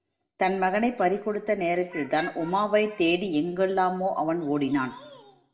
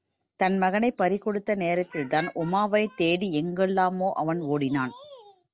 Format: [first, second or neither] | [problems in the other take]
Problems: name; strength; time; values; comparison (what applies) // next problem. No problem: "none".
second | room echo; dies away in 0.7 s